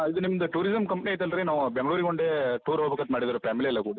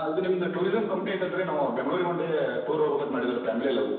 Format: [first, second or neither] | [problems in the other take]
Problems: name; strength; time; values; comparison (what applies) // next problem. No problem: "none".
first | room echo; dies away in 1 s